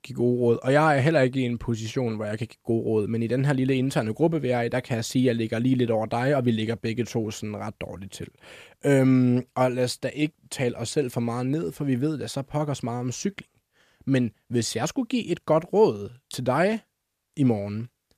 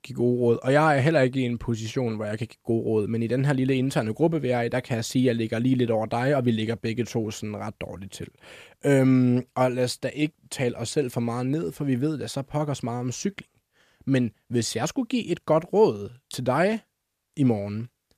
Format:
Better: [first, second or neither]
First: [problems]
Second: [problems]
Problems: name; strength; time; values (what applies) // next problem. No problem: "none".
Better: neither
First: none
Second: none